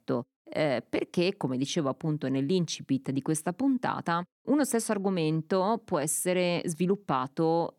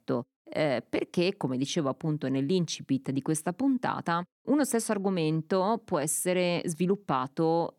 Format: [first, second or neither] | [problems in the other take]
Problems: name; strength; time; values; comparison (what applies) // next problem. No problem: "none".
neither | none